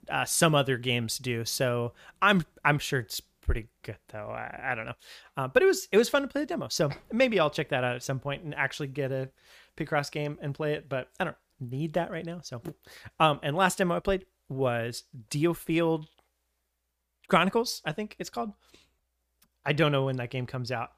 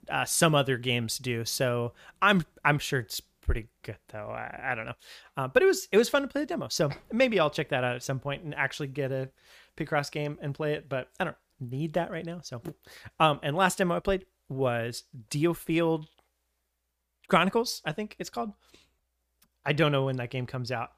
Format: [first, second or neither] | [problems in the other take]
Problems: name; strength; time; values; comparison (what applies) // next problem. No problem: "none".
neither | none